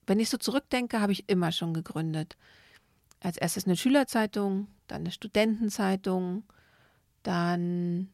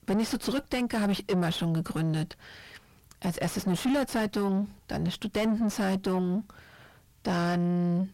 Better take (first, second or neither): first